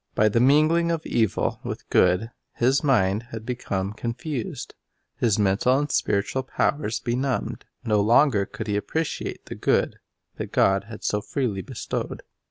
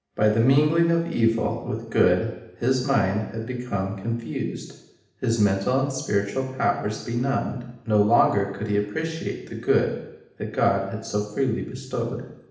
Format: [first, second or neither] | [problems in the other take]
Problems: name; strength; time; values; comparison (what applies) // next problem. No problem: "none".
first | room echo; dies away in 0.8 s